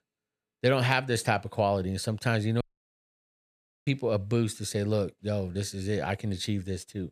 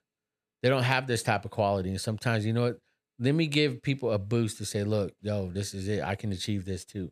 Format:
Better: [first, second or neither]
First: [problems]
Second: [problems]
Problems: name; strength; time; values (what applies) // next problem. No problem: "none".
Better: second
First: audio cutting out; at 2.5 s for 1.5 s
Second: none